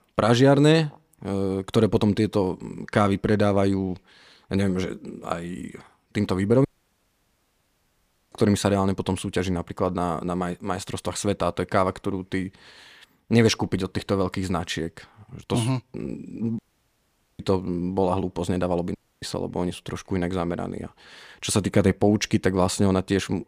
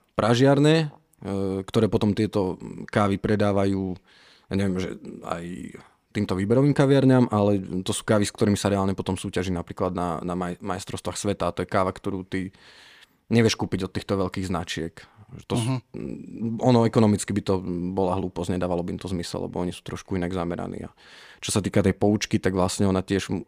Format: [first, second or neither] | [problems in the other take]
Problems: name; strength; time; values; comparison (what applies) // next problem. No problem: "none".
second | audio cutting out; at 6.5 s for 1.5 s, at 17 s for 1 s and at 19 s